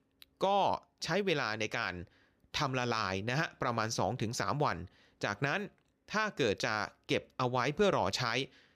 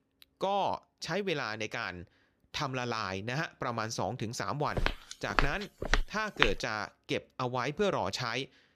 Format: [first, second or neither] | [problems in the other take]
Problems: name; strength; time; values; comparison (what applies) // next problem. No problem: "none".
first | footsteps; loud; from 5 to 6.5 s; peak 4 dB above the speech